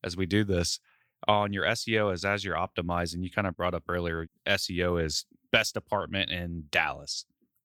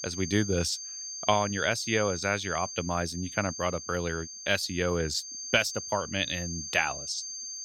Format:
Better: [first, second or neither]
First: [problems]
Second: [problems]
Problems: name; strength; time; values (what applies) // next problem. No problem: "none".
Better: first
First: none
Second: high-pitched whine; loud; throughout; 6.5 kHz, 8 dB below the speech